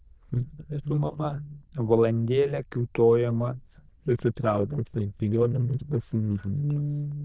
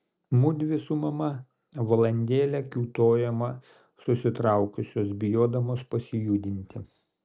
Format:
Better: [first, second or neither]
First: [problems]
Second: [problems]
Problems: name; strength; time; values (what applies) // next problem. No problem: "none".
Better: second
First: noise reduction (neural diffusion model UNIVERSE++)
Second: none